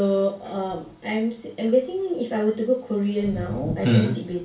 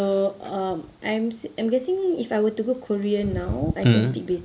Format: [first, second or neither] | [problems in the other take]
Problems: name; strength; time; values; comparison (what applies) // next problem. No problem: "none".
second | room echo; dies away in 0.3 s